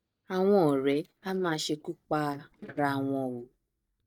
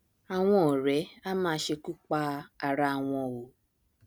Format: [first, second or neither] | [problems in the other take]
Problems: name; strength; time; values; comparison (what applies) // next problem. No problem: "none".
second | noise reduction (neural mask model DeepFilterNet 3)